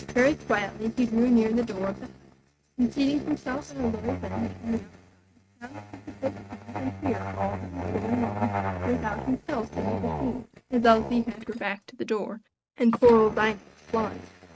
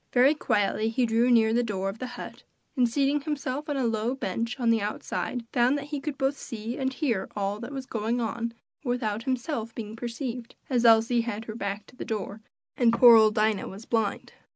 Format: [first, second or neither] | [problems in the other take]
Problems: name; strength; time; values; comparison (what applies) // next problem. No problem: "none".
second | noise reduction (neural mask model RNNoise)